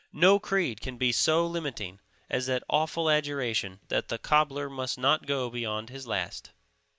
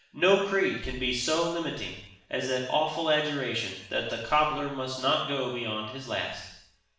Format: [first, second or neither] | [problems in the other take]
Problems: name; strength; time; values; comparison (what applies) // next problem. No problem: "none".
first | room echo; dies away in 0.7 s